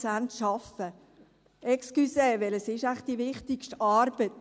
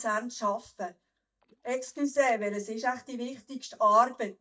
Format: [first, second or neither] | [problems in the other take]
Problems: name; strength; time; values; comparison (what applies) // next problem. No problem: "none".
first | noise reduction (neural mask model DeepFilterNet 3)